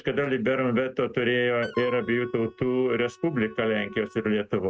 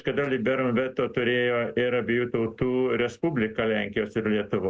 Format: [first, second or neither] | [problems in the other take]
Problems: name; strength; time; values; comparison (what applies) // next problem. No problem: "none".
second | noise reduction (neural mask model RNNoise)